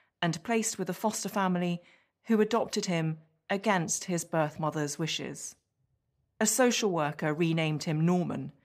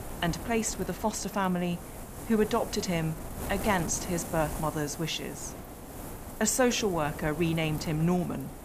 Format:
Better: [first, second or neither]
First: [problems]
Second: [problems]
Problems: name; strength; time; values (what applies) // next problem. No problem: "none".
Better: first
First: none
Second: wind noise on the microphone; occasional gusts; 10 dB below the speech